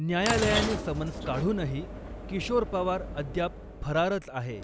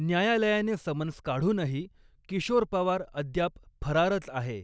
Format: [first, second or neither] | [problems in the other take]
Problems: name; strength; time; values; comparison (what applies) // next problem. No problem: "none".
second | background sound (Sliding door / Train); 6 dB below the speech